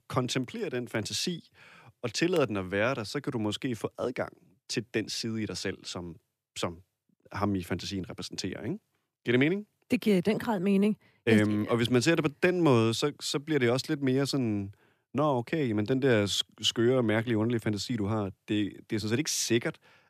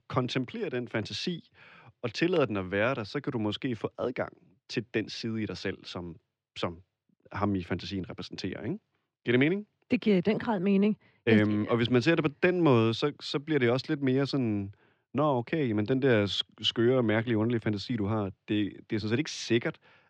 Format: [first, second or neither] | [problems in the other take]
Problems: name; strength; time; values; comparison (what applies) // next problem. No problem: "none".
first | muffled; very slightly; fading above 4 kHz